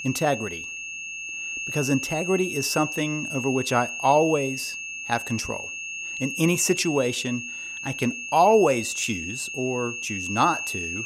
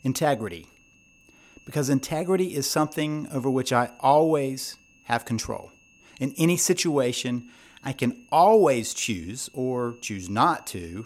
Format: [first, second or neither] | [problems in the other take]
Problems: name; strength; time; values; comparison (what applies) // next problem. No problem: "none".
second | high-pitched whine; loud; throughout; 2.5 kHz, 6 dB below the speech; faint in the second